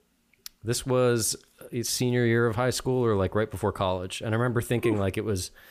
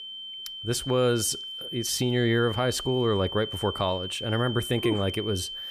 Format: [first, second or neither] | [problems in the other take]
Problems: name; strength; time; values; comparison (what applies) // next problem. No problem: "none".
first | high-pitched whine; loud; throughout; 3 kHz, 7 dB below the speech